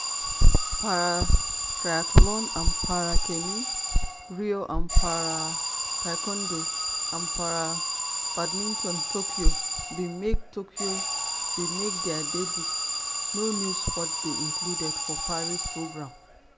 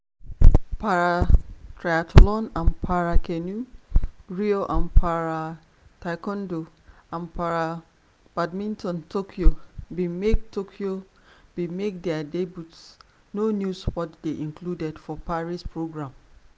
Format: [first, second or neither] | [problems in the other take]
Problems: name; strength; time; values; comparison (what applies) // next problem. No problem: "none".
second | background sound (Alarm); 4 dB below the speech